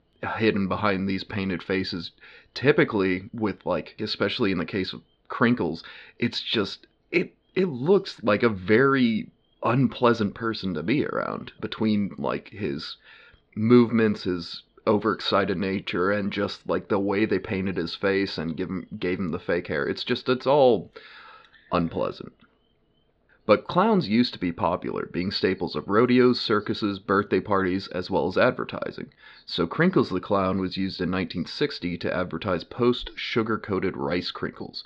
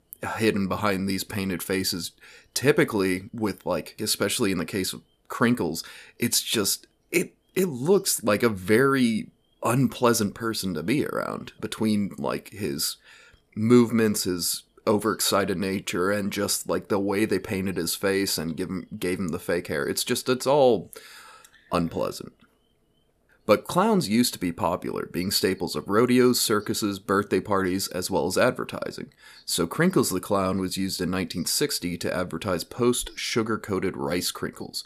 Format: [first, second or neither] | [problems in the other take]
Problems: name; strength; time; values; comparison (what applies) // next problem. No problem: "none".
second | muffled; very slightly; fading above 4 kHz